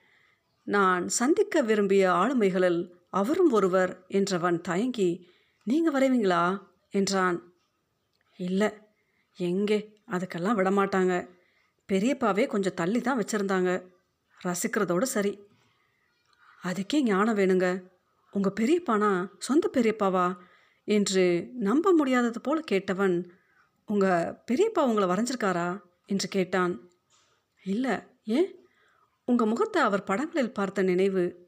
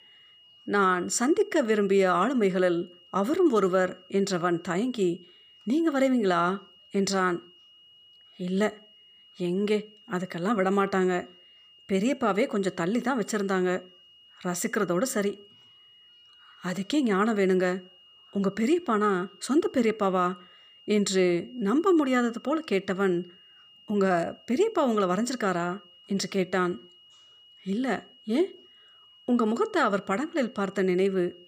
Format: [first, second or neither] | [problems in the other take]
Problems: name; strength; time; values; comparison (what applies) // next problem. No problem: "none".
first | high-pitched whine; faint; throughout; 3 kHz, 25 dB below the speech